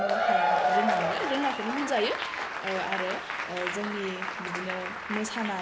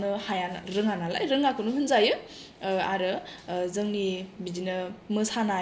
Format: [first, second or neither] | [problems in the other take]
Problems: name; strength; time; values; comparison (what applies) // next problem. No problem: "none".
second | background sound (Applause / Crowd / Cheering); 3 dB above the speech